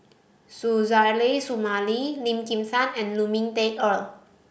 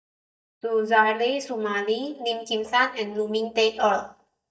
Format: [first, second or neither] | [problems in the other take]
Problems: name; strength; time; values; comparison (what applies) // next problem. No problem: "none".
first | noise reduction (neural mask model DeepFilterNet 3)